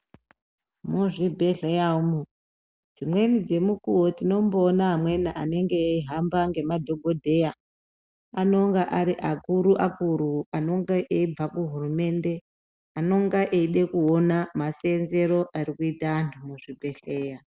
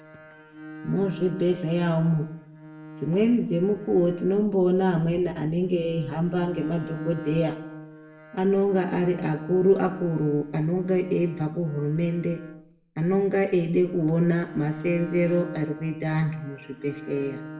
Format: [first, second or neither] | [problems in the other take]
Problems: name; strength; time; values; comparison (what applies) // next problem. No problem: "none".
first | background sound (Bowed string instrument); 16 dB below the speech // room echo; dies away in 0.5 s